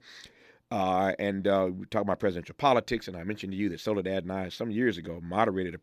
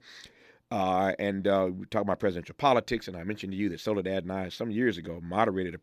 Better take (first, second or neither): neither